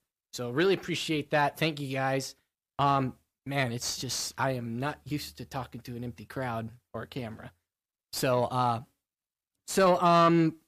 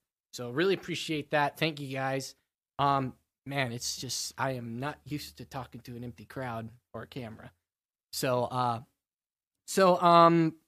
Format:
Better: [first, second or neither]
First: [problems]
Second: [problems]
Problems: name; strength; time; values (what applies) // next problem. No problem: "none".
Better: second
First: distortion; slight; 10 dB below the speech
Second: none